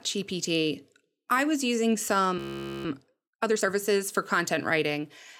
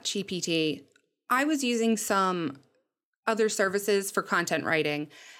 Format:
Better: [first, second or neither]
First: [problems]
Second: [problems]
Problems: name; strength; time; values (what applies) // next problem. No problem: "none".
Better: second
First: audio freezing; at 2.5 s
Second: none